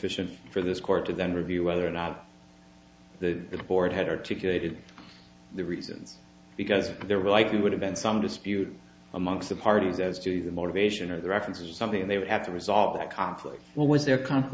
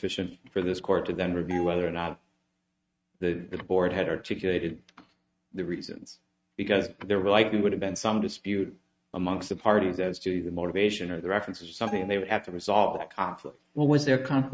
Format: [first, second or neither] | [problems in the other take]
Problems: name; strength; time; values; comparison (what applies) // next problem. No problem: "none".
first | noise reduction (neural mask model RNNoise)